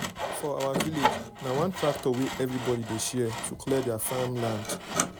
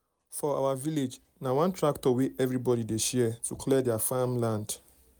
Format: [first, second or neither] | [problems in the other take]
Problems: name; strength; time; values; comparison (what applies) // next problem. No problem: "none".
second | background sound (Sawing); 3 dB below the speech